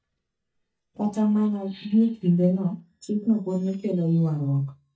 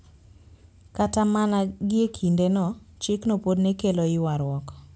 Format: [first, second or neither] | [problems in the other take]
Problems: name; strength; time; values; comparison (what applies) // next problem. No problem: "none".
second | noise reduction (neural mask model DeepFilterNet 3)